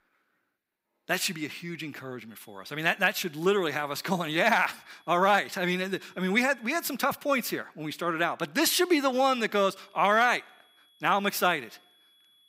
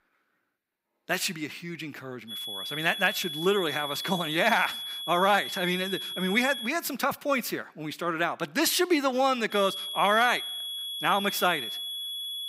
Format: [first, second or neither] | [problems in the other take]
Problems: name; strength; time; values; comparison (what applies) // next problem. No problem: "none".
first | high-pitched whine; loud; from 2.5 to 6.5 s and from 9.5 s on; 3.5 kHz, 6 dB below the speech; faint in the first